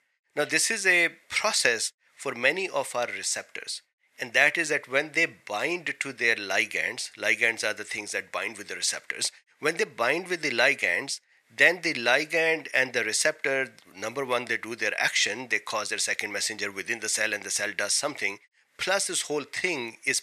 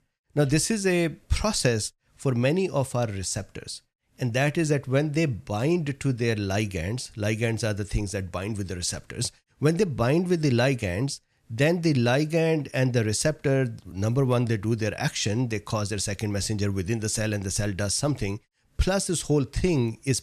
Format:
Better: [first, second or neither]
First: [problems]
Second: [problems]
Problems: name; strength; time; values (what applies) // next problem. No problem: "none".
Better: second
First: thin; very; fading below 600 Hz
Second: none